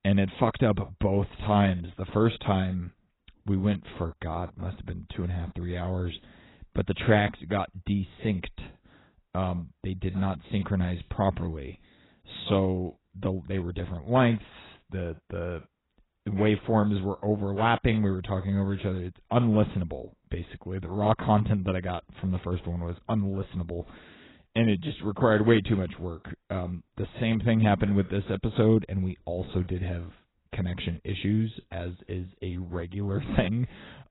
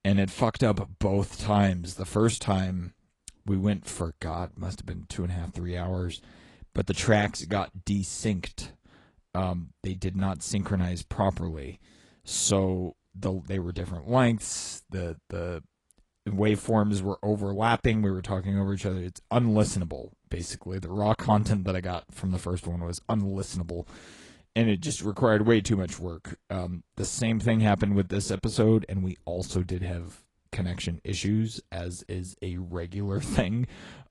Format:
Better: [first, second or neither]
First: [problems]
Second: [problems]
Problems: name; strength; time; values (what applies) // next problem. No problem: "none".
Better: second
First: garbled, watery; badly; nothing above 4 kHz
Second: garbled, watery; slightly; nothing above 10.5 kHz